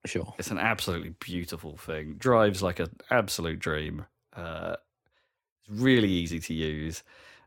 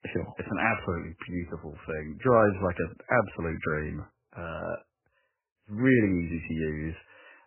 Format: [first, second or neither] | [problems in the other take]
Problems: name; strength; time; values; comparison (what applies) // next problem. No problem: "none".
first | garbled, watery; badly; nothing above 2.5 kHz